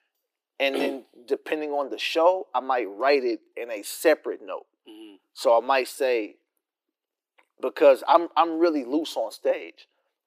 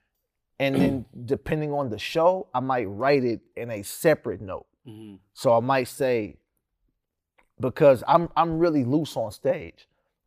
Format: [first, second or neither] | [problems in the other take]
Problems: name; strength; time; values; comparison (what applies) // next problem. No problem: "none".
second | thin; somewhat; fading below 300 Hz